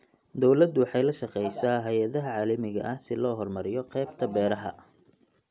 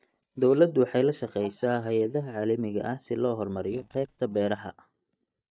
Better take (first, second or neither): first